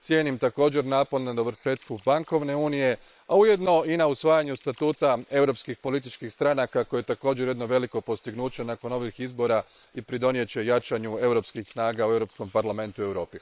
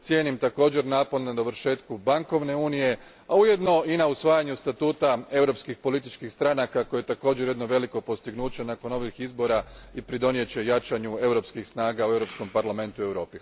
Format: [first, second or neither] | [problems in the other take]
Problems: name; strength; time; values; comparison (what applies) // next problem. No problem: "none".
second | noise reduction (neural separator model SepFormer WHAM!)